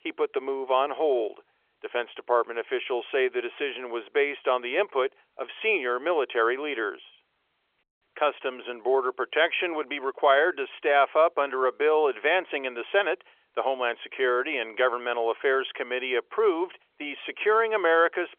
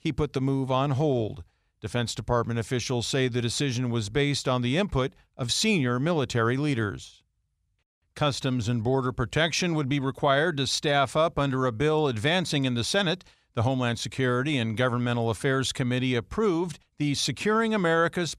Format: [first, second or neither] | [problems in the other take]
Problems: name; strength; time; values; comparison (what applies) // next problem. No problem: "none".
second | phone-call audio; nothing above 3.5 kHz